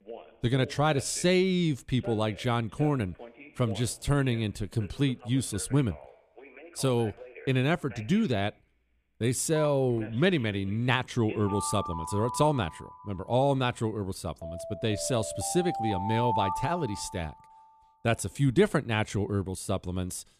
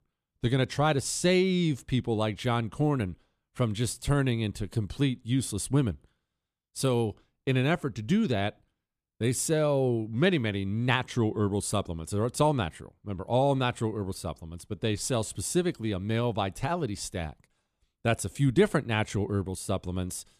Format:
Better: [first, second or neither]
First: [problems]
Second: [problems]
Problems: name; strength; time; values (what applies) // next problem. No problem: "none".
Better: second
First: alarms or sirens; noticeable; throughout; 10 dB below the speech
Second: none